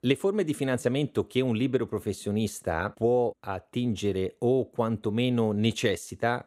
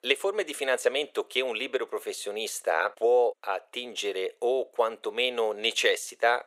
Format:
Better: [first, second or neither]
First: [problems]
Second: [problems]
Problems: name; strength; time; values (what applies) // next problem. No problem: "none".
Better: first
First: none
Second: thin; very; fading below 500 Hz